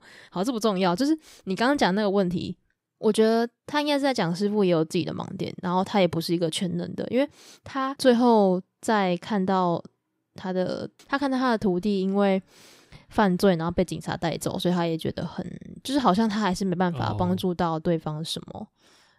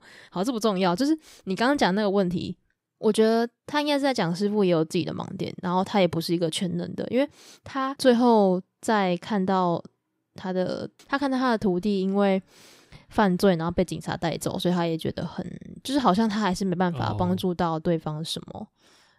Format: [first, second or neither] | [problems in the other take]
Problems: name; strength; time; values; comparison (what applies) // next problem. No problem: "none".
neither | none